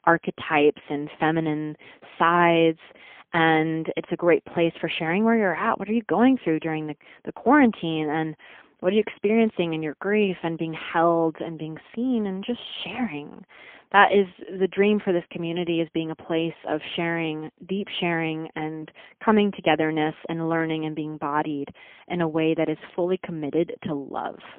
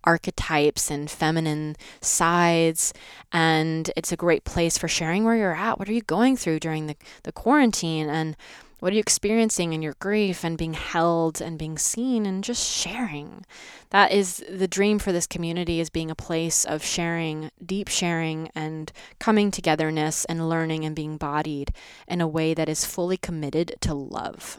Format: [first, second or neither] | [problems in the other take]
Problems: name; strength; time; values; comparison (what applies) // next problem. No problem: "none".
second | phone-call audio; poor line; nothing above 3.5 kHz